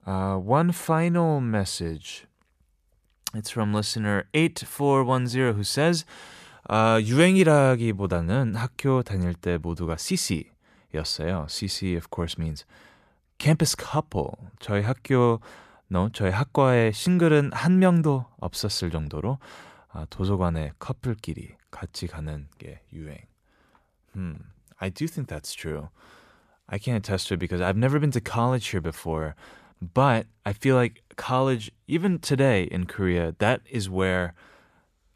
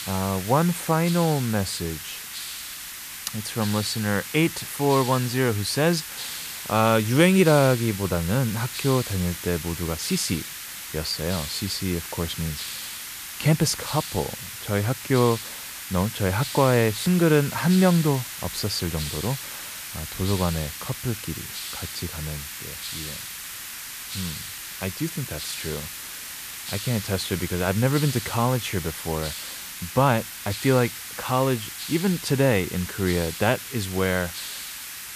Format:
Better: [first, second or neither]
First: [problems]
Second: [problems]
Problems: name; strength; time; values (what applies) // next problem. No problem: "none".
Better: first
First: none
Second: hiss; loud; throughout; 8 dB below the speech